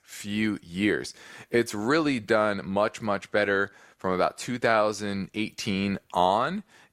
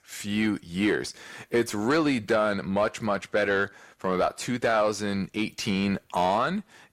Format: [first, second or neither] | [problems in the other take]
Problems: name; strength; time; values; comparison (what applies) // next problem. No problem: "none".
first | distortion; slight; 10 dB below the speech